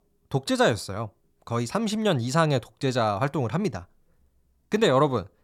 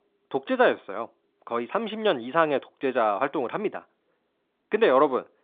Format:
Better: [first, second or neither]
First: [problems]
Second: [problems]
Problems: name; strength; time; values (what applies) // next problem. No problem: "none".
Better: first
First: none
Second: phone-call audio; nothing above 3.5 kHz